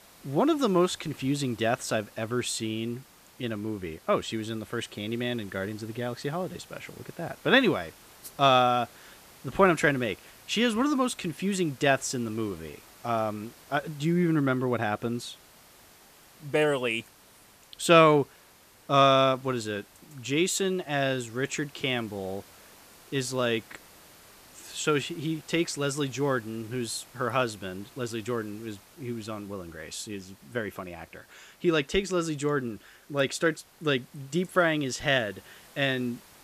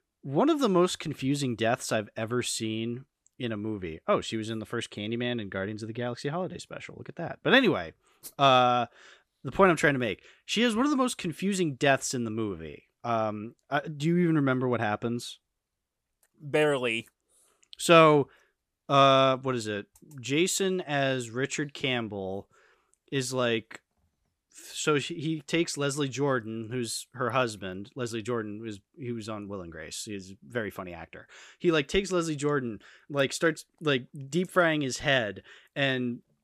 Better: second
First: hiss; faint; throughout; 25 dB below the speech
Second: none

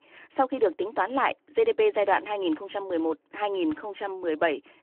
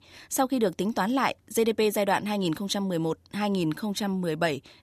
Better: second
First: phone-call audio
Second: none

